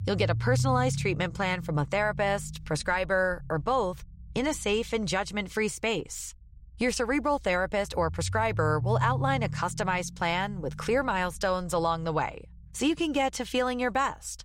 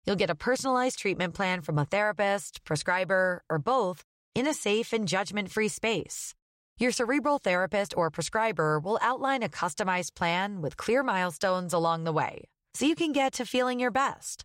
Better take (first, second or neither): second